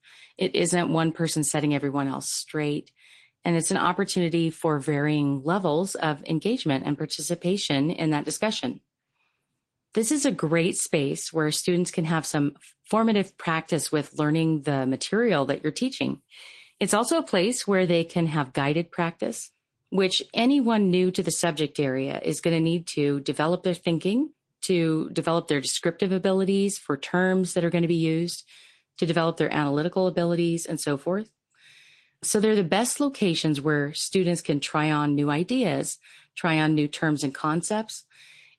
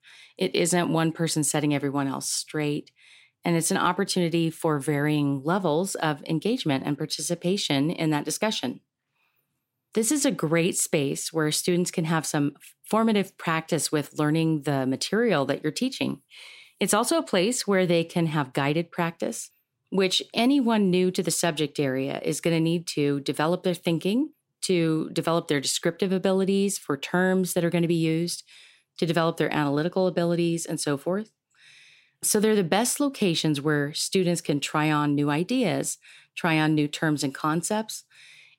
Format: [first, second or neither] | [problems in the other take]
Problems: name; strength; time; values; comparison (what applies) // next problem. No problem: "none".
second | garbled, watery; slightly; nothing above 15.5 kHz